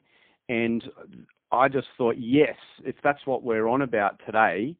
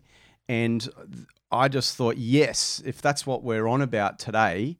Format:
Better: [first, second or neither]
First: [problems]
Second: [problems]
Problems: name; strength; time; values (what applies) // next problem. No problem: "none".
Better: second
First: phone-call audio; poor line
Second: none